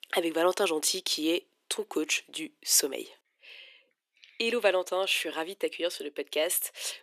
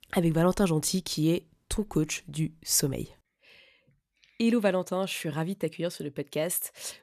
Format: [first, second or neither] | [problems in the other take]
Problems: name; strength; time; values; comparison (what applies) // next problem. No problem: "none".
second | thin; very; fading below 350 Hz